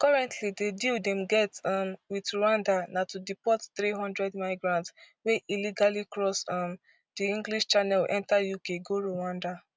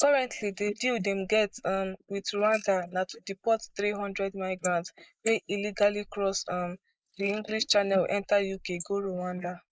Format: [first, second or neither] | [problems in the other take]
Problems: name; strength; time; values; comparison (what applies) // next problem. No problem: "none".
first | noise reduction (neural mask model Resemble Enhance denoiser)